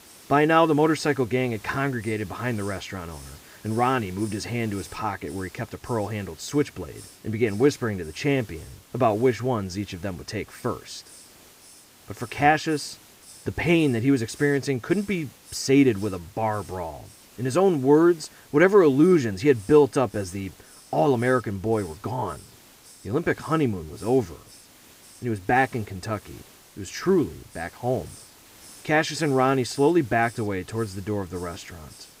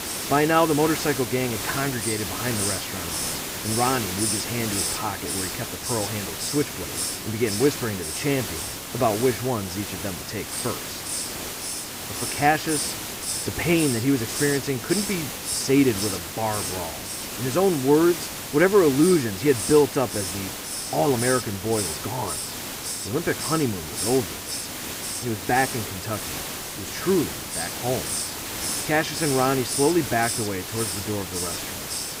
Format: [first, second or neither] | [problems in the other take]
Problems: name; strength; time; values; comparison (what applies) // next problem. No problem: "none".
first | hiss; loud; throughout; 4 dB below the speech; faint in the first